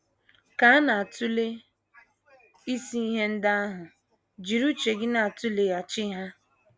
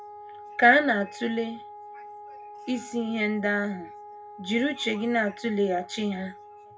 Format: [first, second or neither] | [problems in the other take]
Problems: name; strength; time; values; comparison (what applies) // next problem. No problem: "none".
first | background sound (Wind instrument, woodwind instrument); 17 dB below the speech // room echo; dies away in 0.2 s